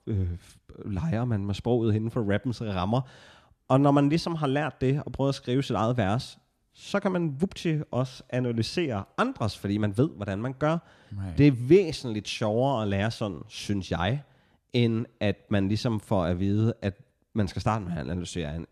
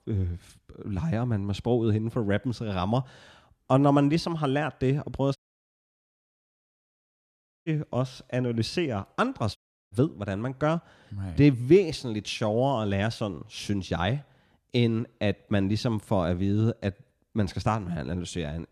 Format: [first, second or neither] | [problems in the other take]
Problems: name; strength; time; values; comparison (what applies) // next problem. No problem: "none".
first | audio cutting out; at 5.5 s for 2.5 s and at 9.5 s